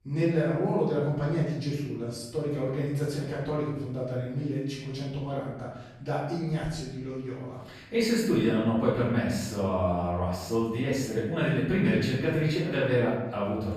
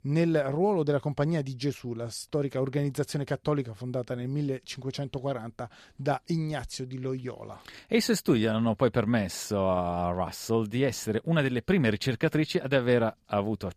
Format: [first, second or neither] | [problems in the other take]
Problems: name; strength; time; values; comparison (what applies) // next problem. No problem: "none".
second | off-mic speech; far // room echo; noticeable; dies away in 0.9 s